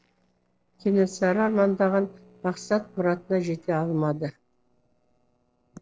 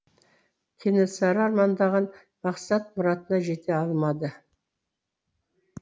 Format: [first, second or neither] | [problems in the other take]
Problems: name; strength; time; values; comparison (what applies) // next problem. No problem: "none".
second | noise reduction (neural separator model SepFormer DNS4)